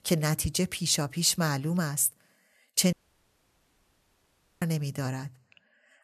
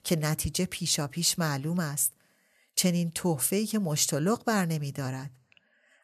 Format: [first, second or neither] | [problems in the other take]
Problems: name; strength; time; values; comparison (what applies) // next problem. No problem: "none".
second | audio cutting out; at 3 s for 1.5 s